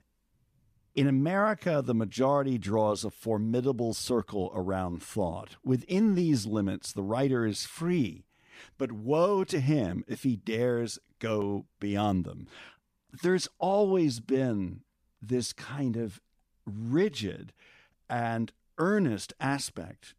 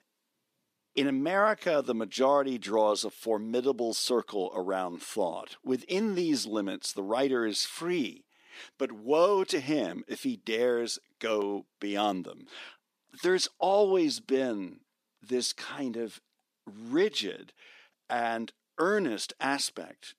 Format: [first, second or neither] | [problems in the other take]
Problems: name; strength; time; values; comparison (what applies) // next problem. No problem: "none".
first | thin; very slightly; fading below 300 Hz